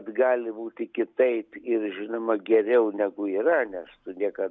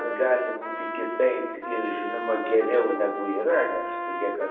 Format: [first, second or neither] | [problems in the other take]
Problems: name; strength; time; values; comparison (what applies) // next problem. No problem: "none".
first | background sound (Trumpet); 6 dB below the speech // room echo; dies away in 0.9 s